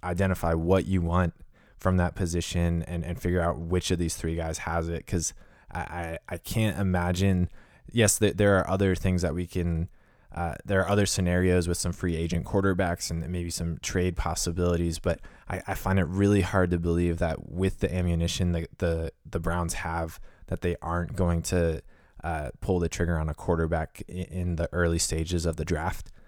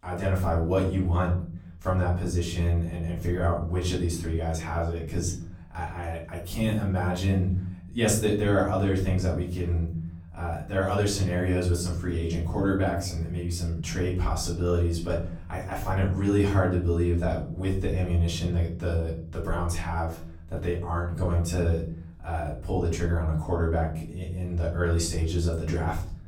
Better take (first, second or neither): first